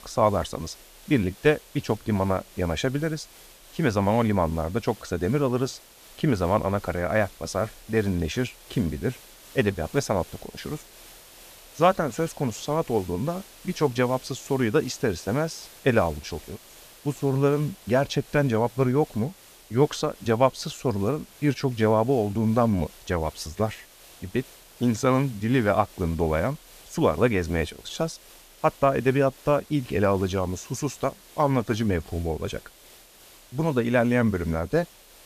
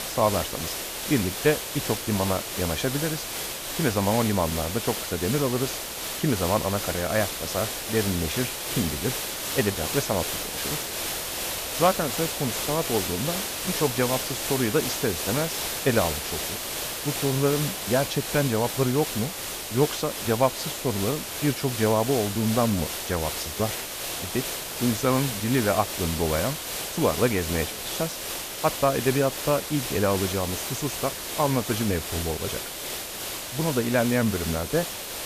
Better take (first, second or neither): first